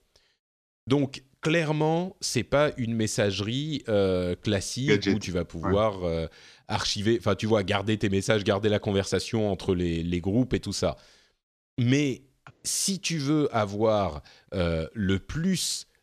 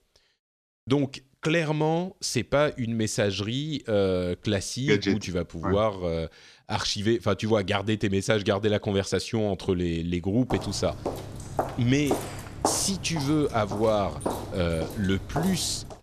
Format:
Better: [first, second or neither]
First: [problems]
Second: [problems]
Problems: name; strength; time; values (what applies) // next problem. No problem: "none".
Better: first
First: none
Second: footsteps; noticeable; from 11 s on; peak 3 dB below the speech